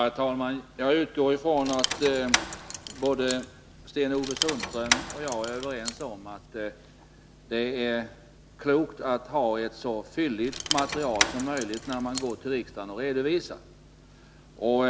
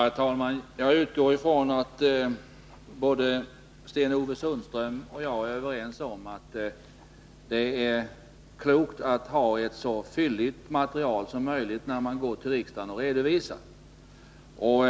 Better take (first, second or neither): second